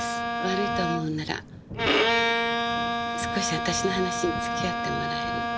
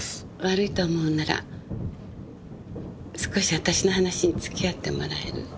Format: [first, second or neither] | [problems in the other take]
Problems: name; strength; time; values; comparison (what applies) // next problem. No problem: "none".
second | background sound (Bowed string instrument); 4 dB above the speech